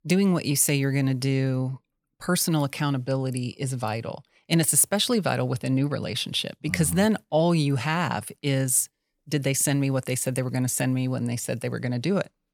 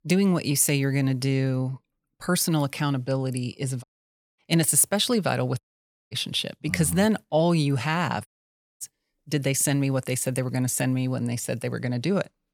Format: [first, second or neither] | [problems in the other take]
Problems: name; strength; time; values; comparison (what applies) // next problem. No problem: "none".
first | audio cutting out; at 4 s for 0.5 s, at 5.5 s for 0.5 s and at 8.5 s for 0.5 s